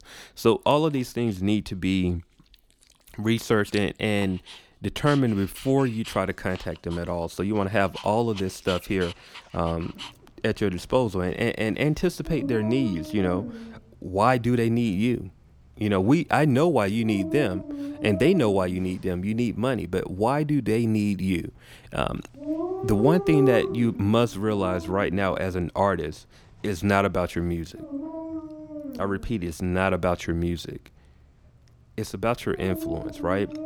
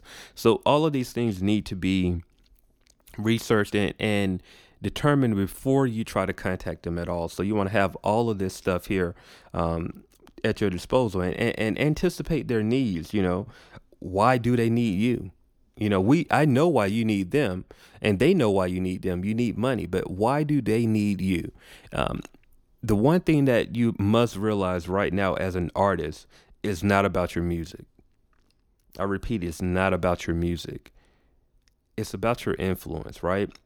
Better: second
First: animal sounds; loud; throughout; 10 dB below the speech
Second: none

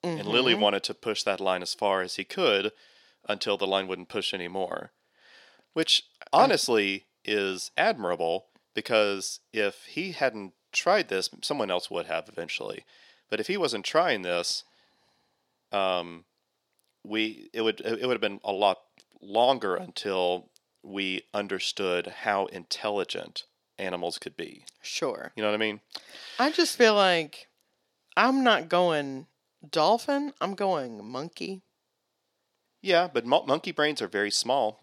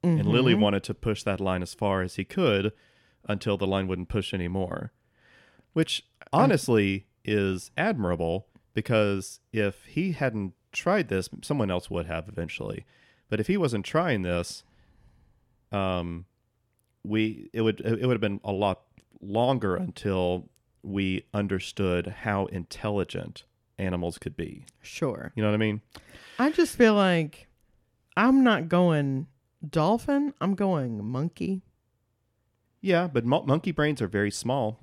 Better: second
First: thin; somewhat; fading below 400 Hz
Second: none

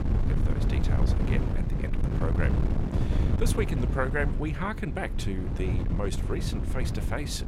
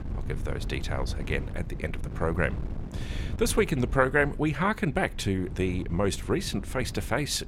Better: second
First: wind noise on the microphone; heavy; 4 dB below the speech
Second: wind noise on the microphone; occasional gusts; 20 dB below the speech

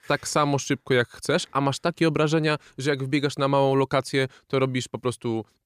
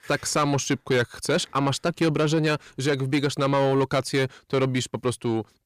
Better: first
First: none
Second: distortion; slight; 10 dB below the speech

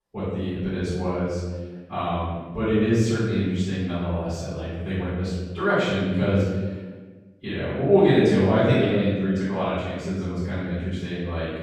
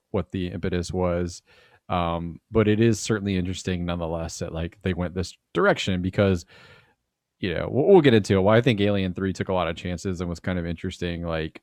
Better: second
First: room echo; strong; dies away in 1.2 s // off-mic speech; far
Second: none

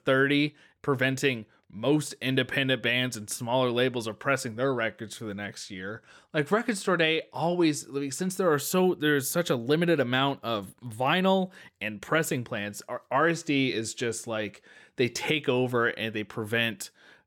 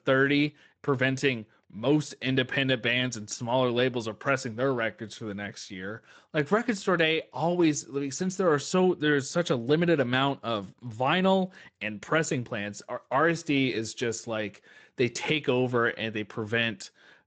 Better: first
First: none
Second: garbled, watery; slightly; nothing above 7.5 kHz

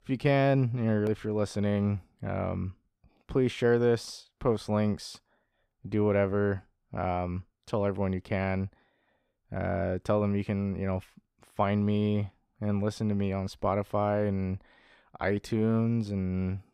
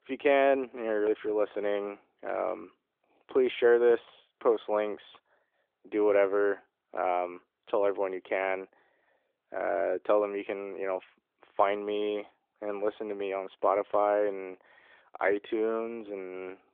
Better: first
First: none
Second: phone-call audio; nothing above 3.5 kHz

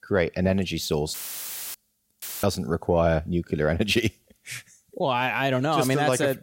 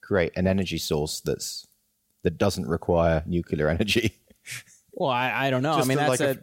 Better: second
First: audio cutting out; filled with static; at 1 s for 0.5 s and at 2 s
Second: none

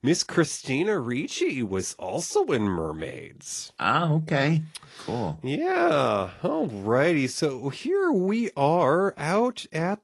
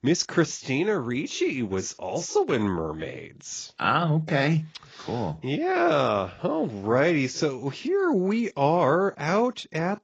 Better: first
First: garbled, watery; slightly; nothing above 11 kHz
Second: garbled, watery; badly

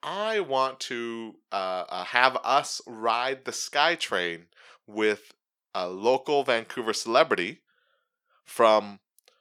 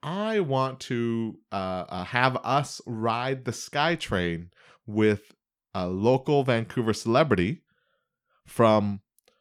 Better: second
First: thin; somewhat; fading below 500 Hz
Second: none

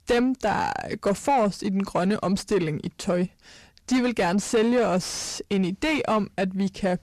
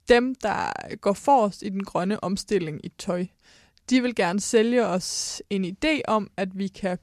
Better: second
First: distortion; heavy; 7 dB below the speech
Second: none

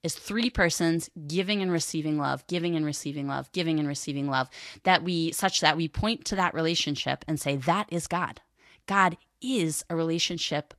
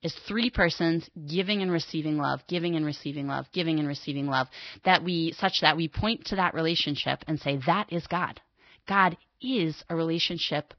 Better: first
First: garbled, watery; slightly; nothing above 12.5 kHz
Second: garbled, watery; badly; nothing above 5.5 kHz

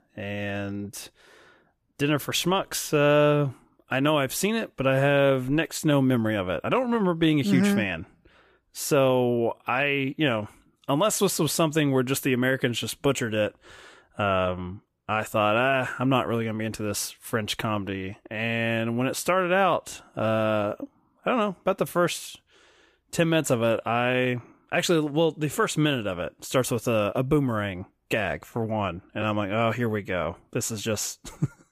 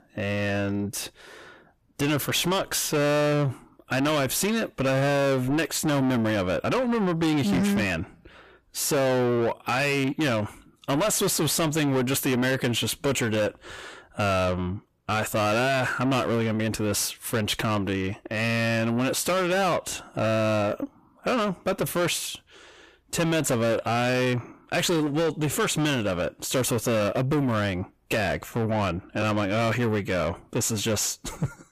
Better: first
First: none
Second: distortion; heavy; 7 dB below the speech

